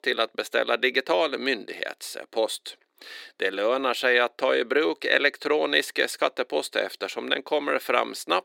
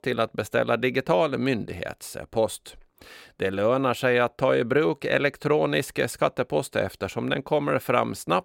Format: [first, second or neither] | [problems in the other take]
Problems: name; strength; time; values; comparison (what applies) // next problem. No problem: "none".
second | thin; somewhat; fading below 300 Hz